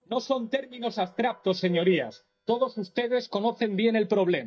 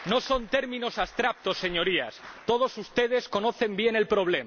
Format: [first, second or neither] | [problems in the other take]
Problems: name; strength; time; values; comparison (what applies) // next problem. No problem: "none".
second | noise reduction (neural mask model DeepFilterNet 3)